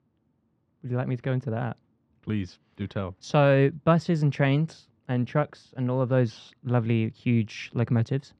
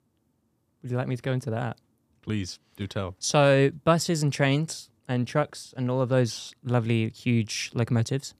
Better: second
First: muffled; slightly; fading above 2.5 kHz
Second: none

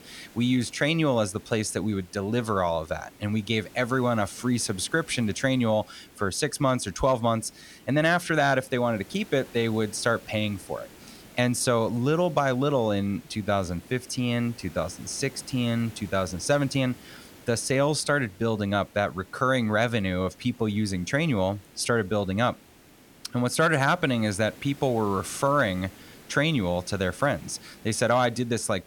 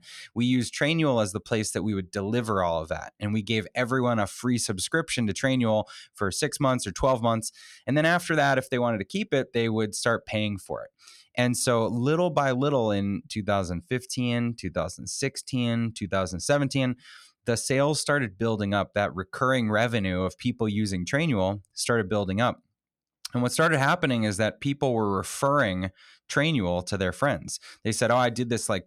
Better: second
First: hiss; faint; throughout; 25 dB below the speech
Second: none

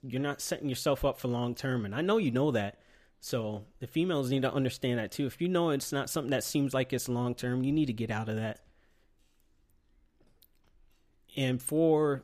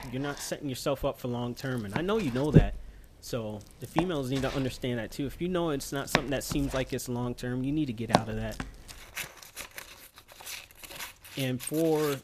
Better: first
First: none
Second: household noises; loud; throughout; 2 dB below the speech

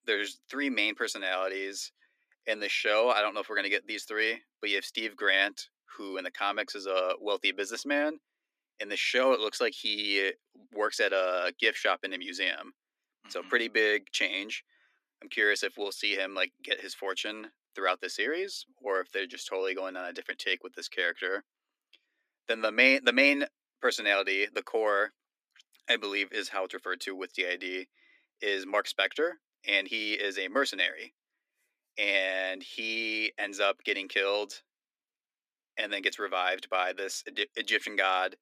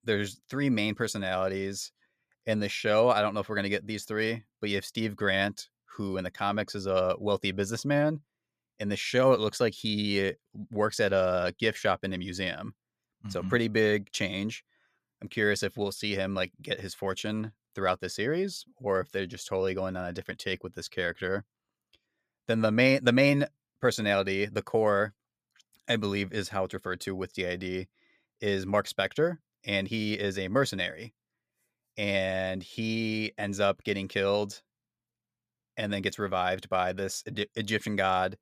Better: second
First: thin; somewhat; fading below 250 Hz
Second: none

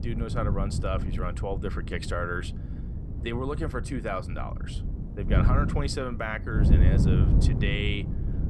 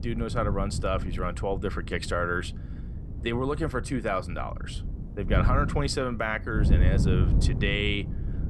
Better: second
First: wind noise on the microphone; heavy; 7 dB below the speech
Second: wind noise on the microphone; occasional gusts; 10 dB below the speech

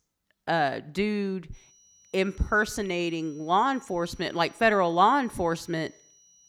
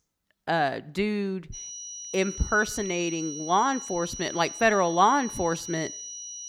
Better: first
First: high-pitched whine; faint; from 1.5 s on; 6 kHz, 30 dB below the speech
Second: high-pitched whine; loud; from 1.5 s on; 6 kHz, 10 dB below the speech

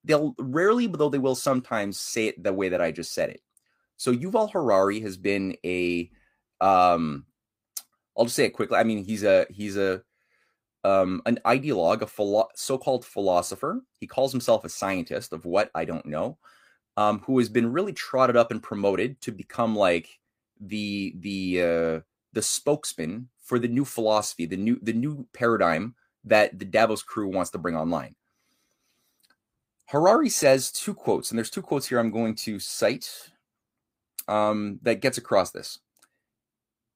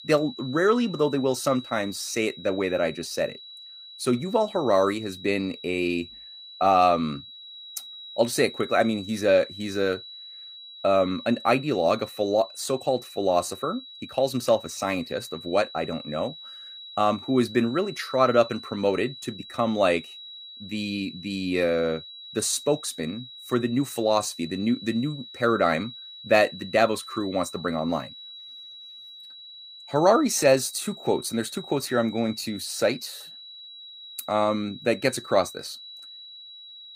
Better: first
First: none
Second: high-pitched whine; noticeable; throughout; 4 kHz, 15 dB below the speech

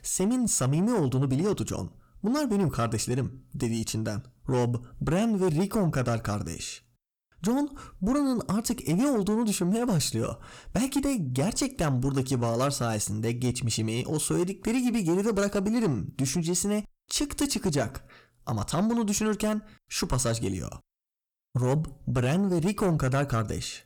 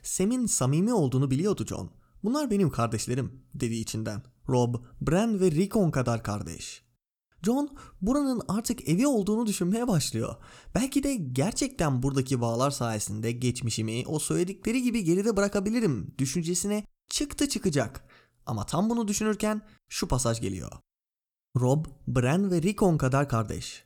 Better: second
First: distortion; slight; 10 dB below the speech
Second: none

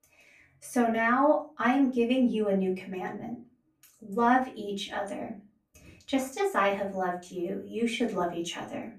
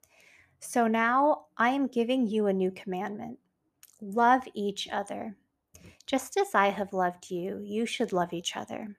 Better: second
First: off-mic speech; far // room echo; very slight; dies away in 0.3 s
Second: none

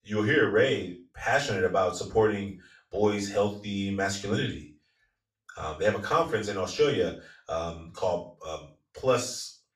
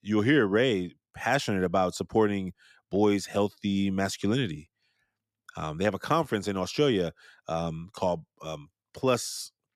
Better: second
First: room echo; slight; dies away in 0.3 s // off-mic speech; far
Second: none

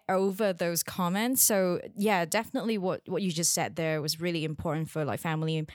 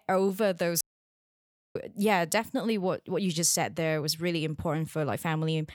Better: first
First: none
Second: audio cutting out; at 1 s for 1 s

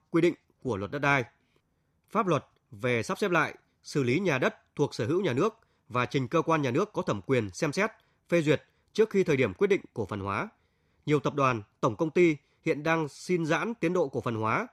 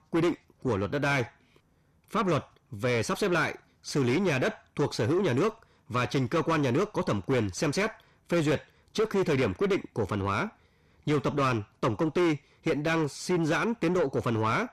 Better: first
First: none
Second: distortion; heavy; 7 dB below the speech

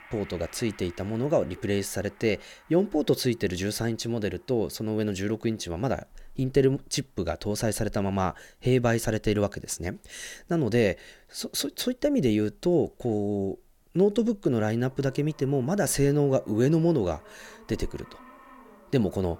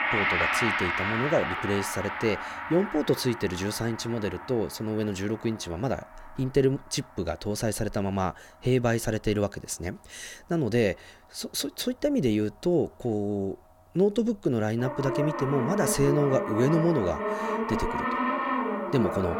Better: first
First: background music; faint; throughout; 25 dB below the speech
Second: background music; loud; throughout; 2 dB below the speech

